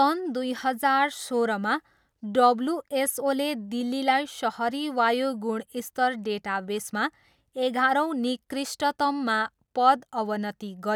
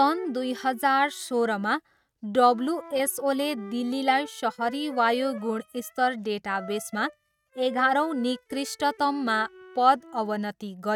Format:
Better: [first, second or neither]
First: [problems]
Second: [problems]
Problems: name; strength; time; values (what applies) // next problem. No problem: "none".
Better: first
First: none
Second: noise reduction (neural mask model RNNoise)